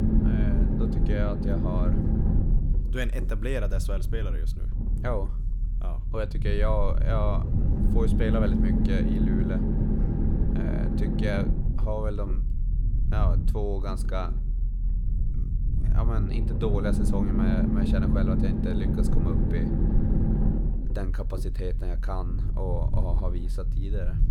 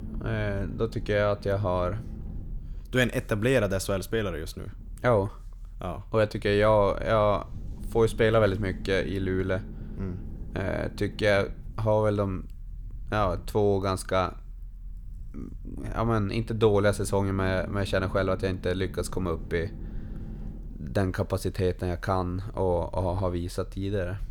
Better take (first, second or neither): second